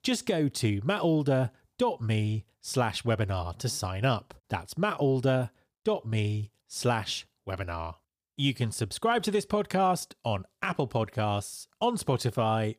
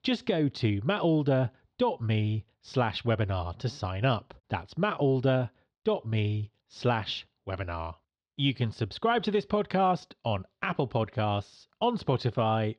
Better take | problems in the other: first | muffled; very slightly; fading above 4 kHz

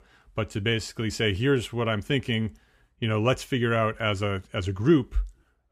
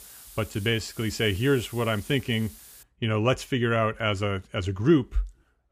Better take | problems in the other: first | hiss; noticeable; until 3 s; 20 dB below the speech

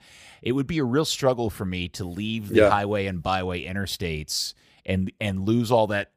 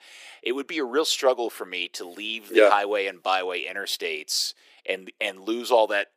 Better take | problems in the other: first | thin; very; fading below 350 Hz

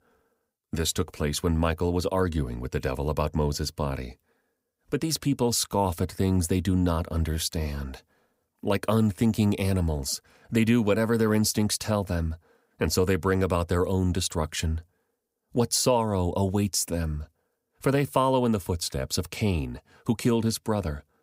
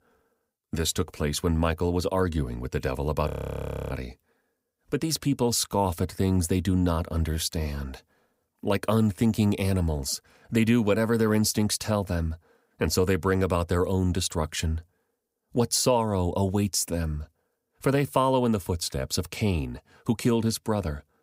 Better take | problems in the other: first | audio freezing; at 3.5 s for 0.5 s

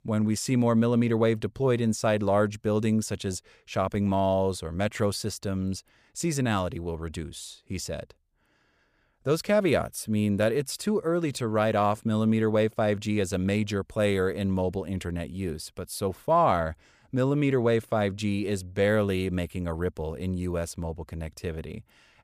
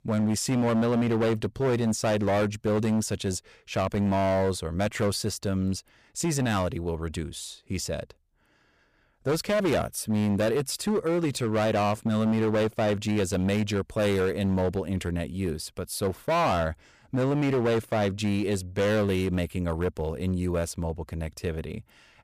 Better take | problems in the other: first | distortion; slight; 14% of the sound clipped

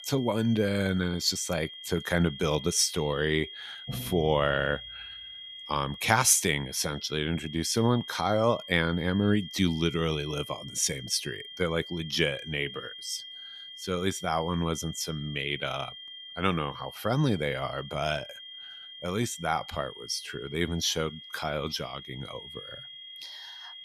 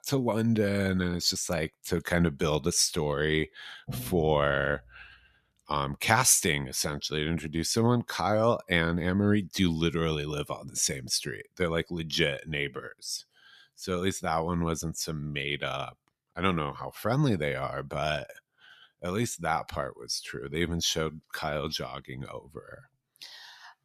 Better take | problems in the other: second | high-pitched whine; noticeable; throughout; 3.5 kHz, 15 dB below the speech

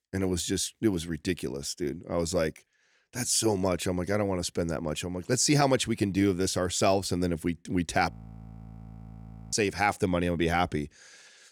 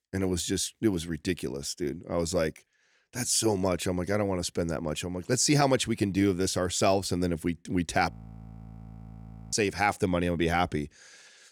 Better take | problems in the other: neither | audio freezing; at 8 s for 1.5 s; the same in both

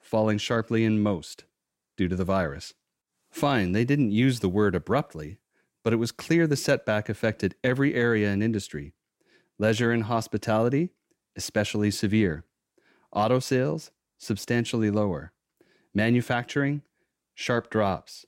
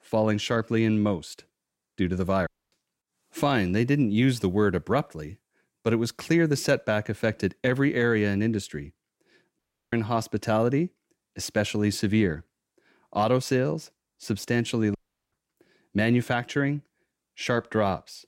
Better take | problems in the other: first | audio cutting out; at 2.5 s, at 9.5 s and at 15 s

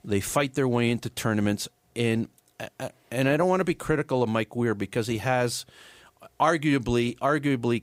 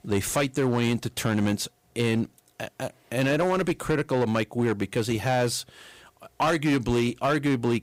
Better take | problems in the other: first | distortion; slight; 9% of the sound clipped

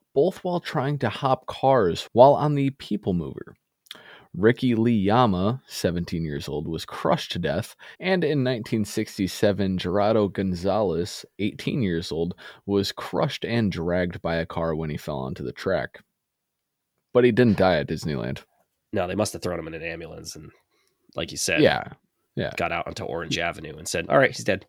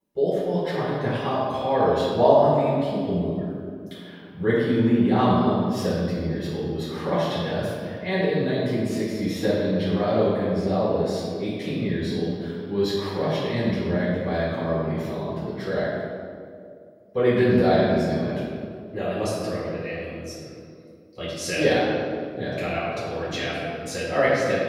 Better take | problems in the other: first | off-mic speech; far // room echo; strong; dies away in 2 s

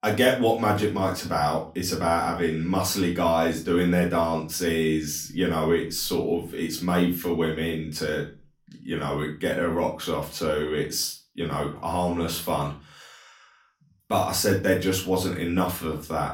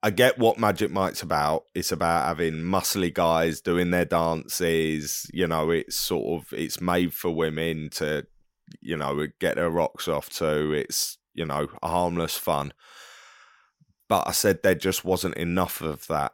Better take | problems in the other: second | off-mic speech; far // room echo; slight; dies away in 0.3 s

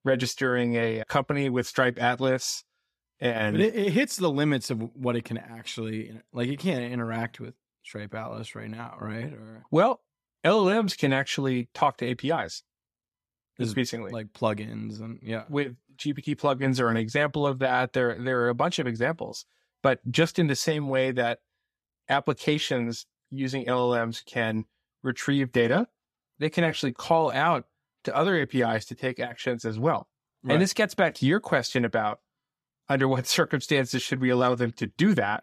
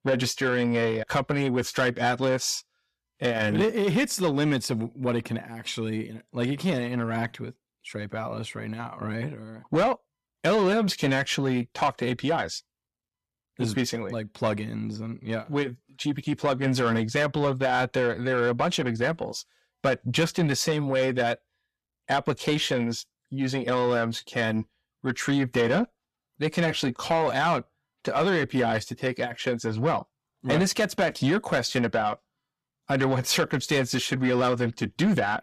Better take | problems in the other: first | distortion; slight; 10 dB below the speech

